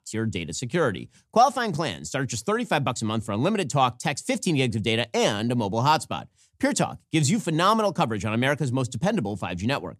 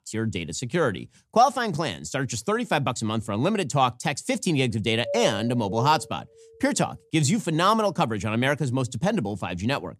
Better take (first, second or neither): first